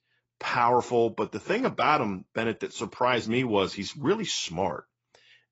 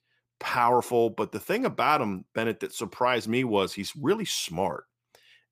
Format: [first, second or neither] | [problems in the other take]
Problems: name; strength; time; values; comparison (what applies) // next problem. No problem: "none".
second | garbled, watery; badly; nothing above 7.5 kHz